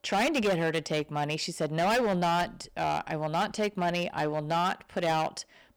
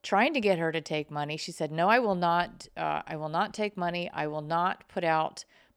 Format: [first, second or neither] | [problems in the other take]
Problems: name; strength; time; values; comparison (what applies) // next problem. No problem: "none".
second | distortion; heavy; 13% of the sound clipped